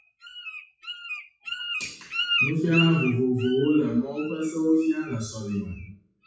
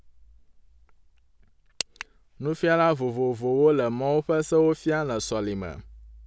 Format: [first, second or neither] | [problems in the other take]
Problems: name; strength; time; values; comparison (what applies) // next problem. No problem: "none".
second | noise reduction (classical method WPE with log-MMSE)